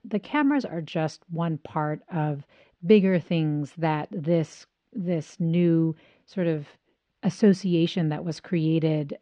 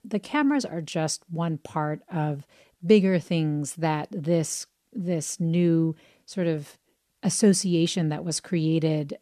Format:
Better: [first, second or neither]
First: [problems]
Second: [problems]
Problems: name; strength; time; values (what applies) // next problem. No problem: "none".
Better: second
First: muffled; slightly; fading above 3.5 kHz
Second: none